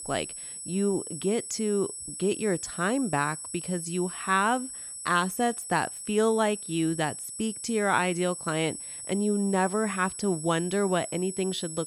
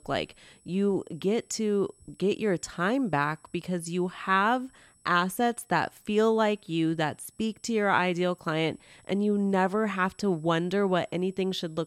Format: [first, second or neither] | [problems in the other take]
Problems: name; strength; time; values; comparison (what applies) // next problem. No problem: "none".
second | high-pitched whine; loud; throughout; 8 kHz, 8 dB below the speech; faint in the second